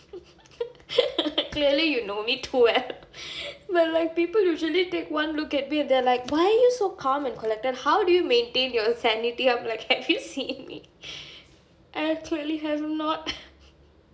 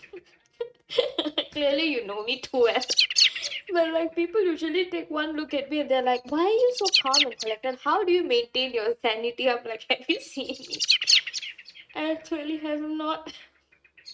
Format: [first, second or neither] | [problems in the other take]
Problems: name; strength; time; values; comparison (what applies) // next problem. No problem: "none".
first | noise reduction (neural mask model RNNoise)